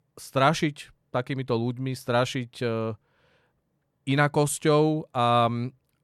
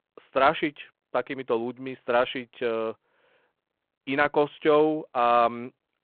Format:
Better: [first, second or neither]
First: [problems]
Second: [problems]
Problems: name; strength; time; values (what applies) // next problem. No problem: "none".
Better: first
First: none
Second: phone-call audio; nothing above 3.5 kHz